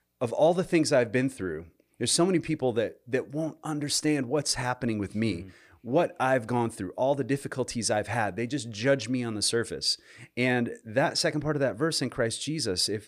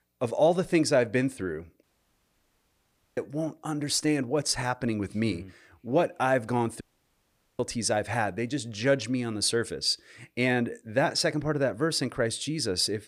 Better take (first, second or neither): first